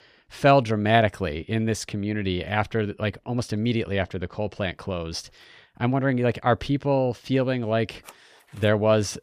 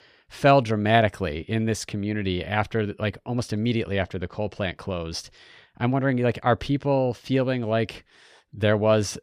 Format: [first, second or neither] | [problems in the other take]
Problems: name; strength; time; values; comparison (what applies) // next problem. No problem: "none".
second | household noises; faint; throughout; 30 dB below the speech